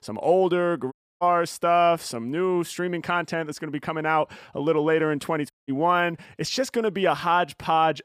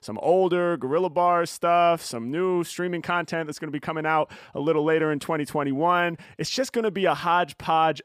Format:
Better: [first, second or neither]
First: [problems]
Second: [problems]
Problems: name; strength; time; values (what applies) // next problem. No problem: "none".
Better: second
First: audio cutting out; at 1 s and at 5.5 s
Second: none